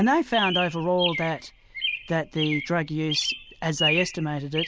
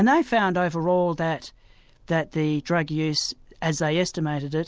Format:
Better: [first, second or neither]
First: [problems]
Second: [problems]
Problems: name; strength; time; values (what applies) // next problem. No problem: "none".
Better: second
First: background sound (Chirp, tweet); 5 dB below the speech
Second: none